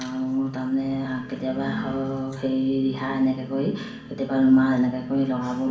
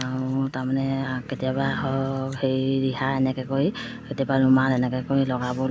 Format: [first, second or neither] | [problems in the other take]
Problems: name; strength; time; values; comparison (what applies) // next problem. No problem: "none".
second | room echo; dies away in 0.6 s